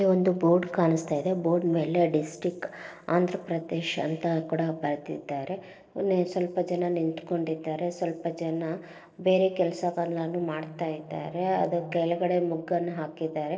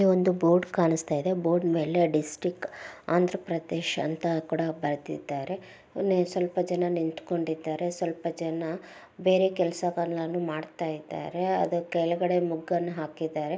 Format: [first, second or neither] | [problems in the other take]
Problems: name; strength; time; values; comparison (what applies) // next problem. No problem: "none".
second | noise reduction (neural separator model SepFormer DNS4)